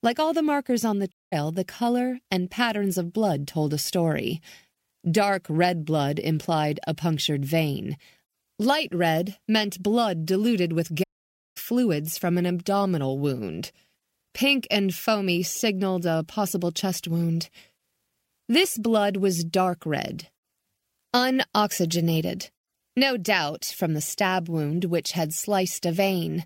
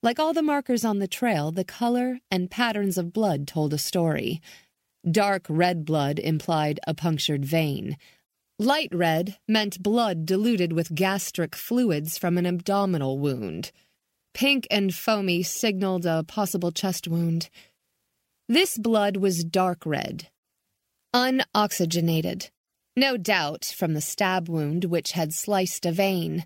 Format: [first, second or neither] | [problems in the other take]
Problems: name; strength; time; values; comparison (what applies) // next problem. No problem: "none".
second | audio cutting out; at 1 s and at 11 s for 0.5 s